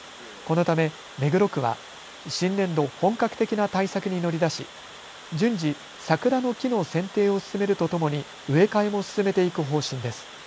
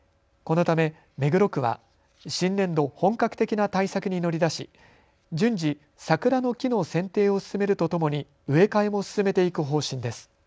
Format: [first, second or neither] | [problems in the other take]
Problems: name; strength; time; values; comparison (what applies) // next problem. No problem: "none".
second | background sound (Water); 18 dB below the speech